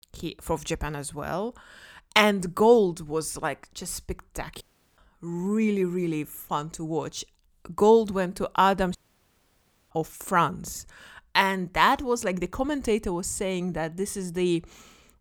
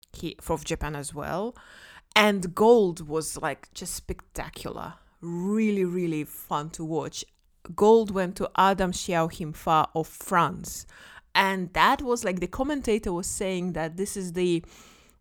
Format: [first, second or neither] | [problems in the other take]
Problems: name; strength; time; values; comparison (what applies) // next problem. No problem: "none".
second | audio cutting out; at 4.5 s and at 9 s for 1 s